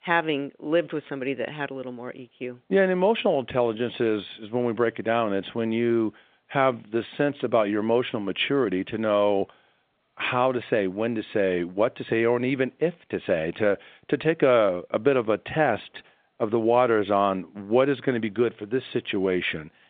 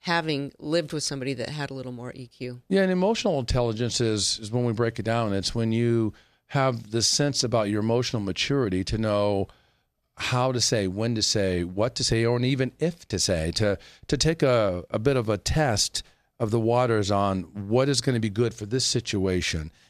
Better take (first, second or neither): second